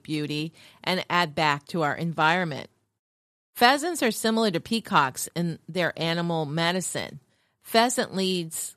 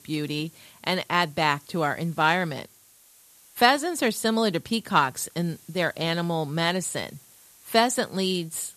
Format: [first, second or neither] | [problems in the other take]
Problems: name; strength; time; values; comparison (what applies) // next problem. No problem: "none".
first | hiss; faint; throughout; 25 dB below the speech